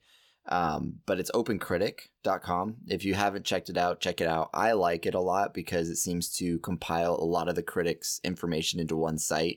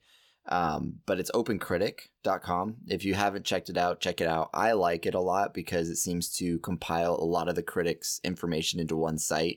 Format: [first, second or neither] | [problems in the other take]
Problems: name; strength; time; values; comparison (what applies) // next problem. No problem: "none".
neither | none